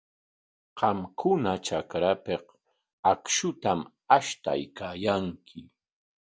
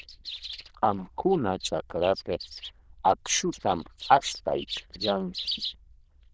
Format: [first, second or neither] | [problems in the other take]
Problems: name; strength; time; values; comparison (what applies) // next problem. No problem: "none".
first | noise reduction (neural diffusion model UNIVERSE++)